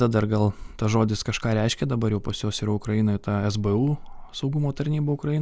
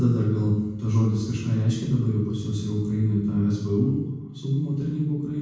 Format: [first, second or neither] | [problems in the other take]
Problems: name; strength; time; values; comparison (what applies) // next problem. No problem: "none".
first | room echo; dies away in 1.1 s